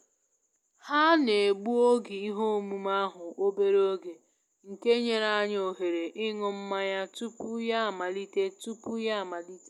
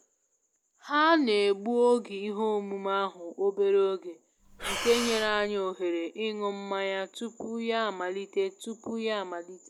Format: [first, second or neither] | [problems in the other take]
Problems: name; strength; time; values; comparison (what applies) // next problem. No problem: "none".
first | background sound (Breathing); 7 dB below the speech